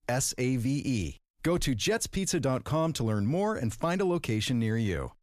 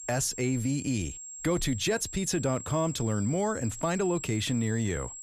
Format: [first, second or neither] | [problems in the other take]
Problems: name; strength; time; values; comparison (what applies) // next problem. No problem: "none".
first | high-pitched whine; noticeable; throughout; 7.5 kHz, 10 dB below the speech